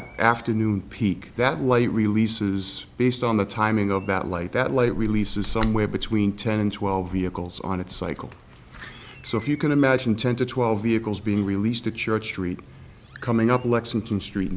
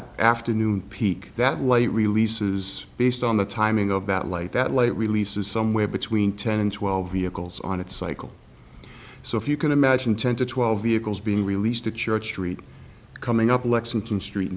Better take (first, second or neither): second